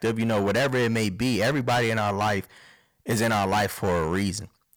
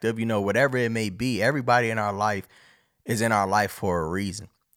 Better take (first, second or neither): second